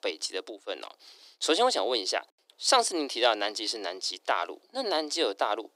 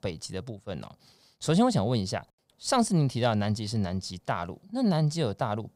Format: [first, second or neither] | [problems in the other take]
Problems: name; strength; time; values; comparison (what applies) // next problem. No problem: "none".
second | thin; very; fading below 300 Hz